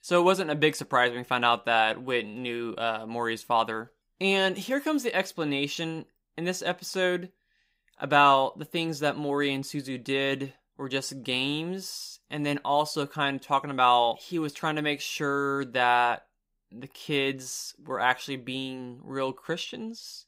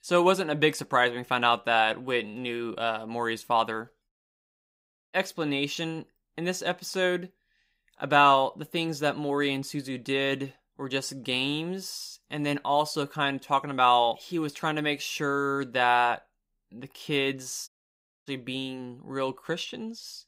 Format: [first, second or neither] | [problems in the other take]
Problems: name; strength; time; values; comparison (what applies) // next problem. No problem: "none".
first | audio cutting out; at 4 s for 1 s and at 18 s for 0.5 s